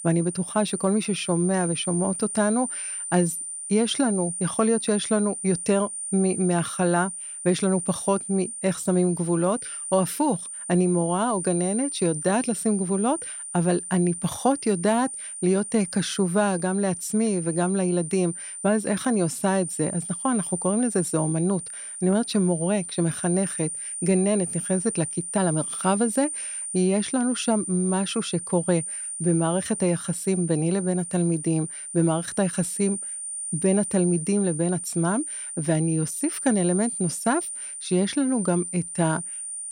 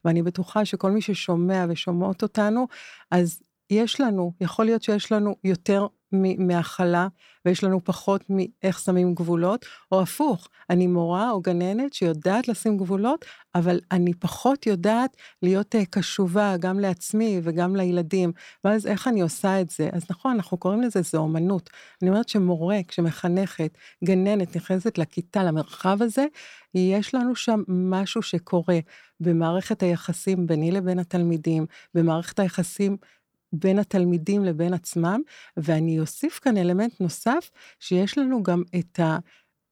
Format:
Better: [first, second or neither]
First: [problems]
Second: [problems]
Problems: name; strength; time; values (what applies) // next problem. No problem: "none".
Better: second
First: high-pitched whine; loud; throughout; 9 kHz, 6 dB below the speech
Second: none